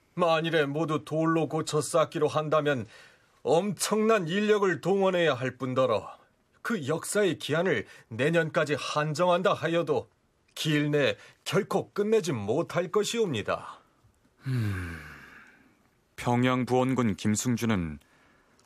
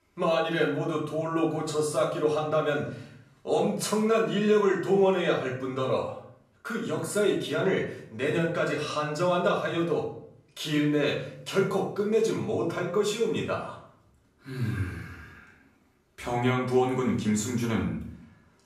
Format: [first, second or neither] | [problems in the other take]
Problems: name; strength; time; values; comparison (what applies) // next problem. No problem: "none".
first | off-mic speech; far // room echo; noticeable; dies away in 0.5 s